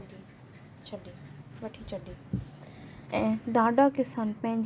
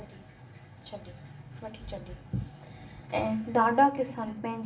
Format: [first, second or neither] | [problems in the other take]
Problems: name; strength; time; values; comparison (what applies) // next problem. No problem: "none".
first | room echo; dies away in 0.7 s